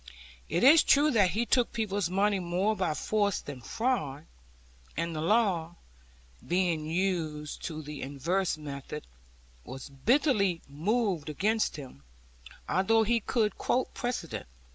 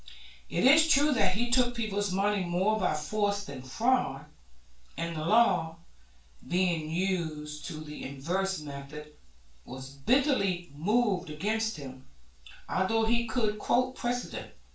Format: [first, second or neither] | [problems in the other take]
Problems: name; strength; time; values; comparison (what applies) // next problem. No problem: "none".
first | room echo; dies away in 0.3 s